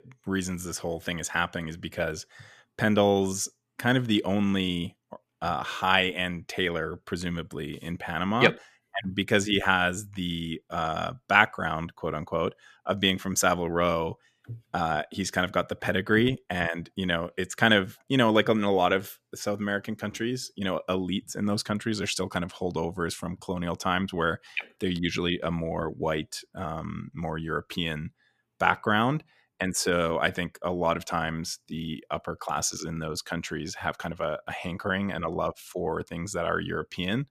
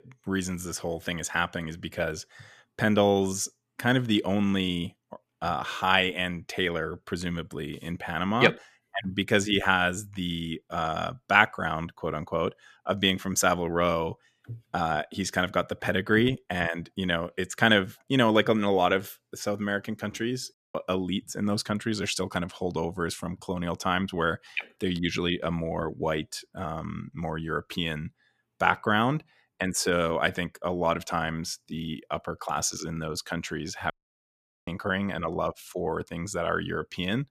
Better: first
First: none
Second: audio cutting out; at 21 s and at 34 s for 1 s

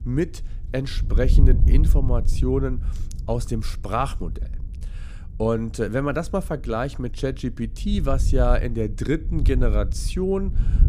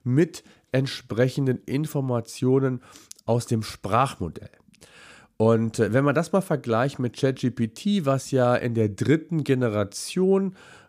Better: second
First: wind noise on the microphone; occasional gusts; 15 dB below the speech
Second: none

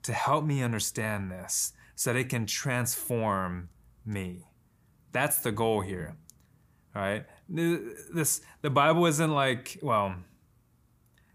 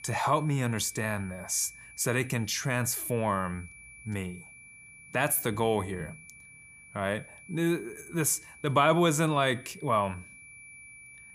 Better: first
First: none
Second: high-pitched whine; noticeable; throughout; 2.5 kHz, 20 dB below the speech

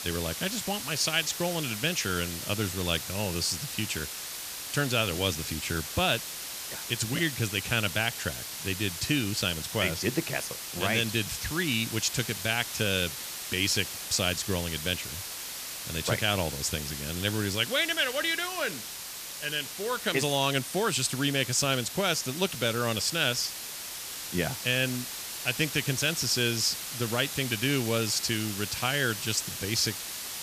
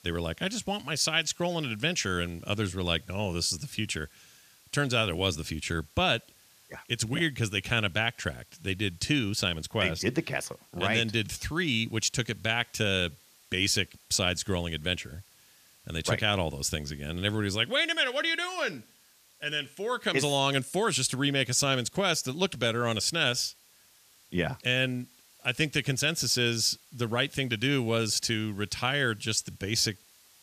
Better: second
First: hiss; loud; throughout; 6 dB below the speech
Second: hiss; faint; throughout; 30 dB below the speech

